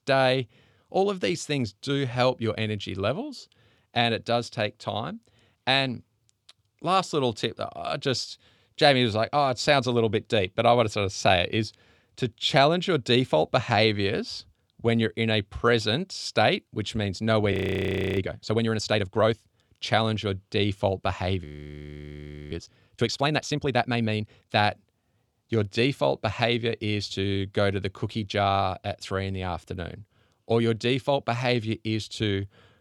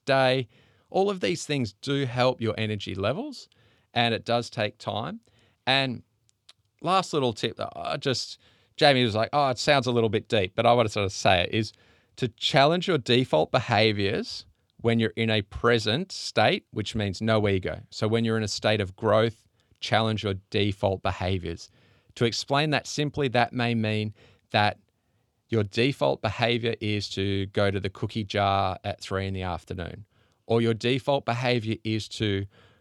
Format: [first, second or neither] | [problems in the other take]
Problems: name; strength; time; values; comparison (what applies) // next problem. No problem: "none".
second | audio freezing; at 18 s for 0.5 s and at 21 s for 1 s